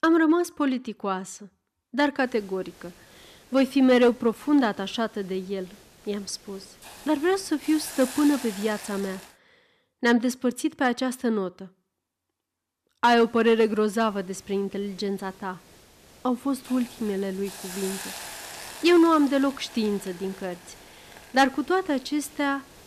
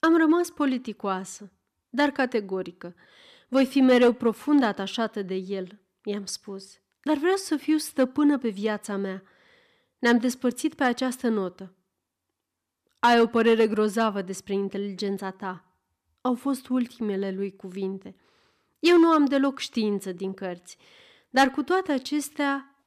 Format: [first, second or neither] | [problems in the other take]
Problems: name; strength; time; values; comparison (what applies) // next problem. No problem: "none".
second | hiss; noticeable; from 2 to 9.5 s and from 13 s on; 15 dB below the speech